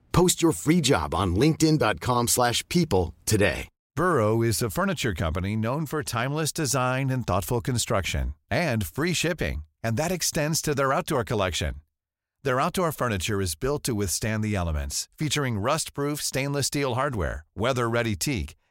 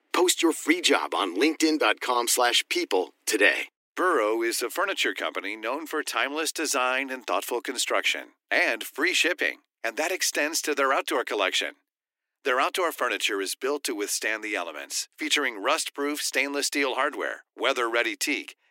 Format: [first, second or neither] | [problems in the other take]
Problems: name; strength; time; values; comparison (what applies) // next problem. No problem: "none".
first | thin; somewhat; fading below 300 Hz